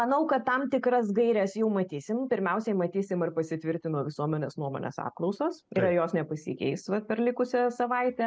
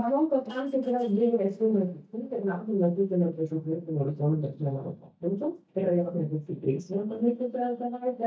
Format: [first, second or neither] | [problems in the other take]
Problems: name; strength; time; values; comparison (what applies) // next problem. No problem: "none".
first | noise reduction (neural mask model DeepFilterNet 3)